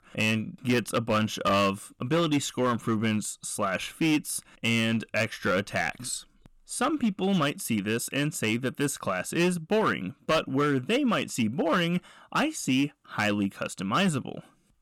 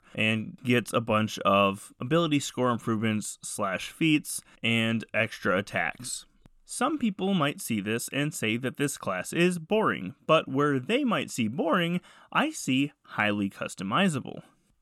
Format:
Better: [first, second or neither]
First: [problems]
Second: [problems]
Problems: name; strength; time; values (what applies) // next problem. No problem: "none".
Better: second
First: distortion; slight; 6% of the sound clipped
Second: none